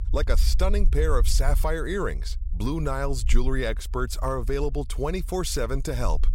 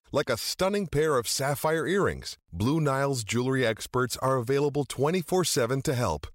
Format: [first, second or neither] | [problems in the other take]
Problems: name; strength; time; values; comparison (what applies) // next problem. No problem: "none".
second | low rumble; faint; throughout; 20 dB below the speech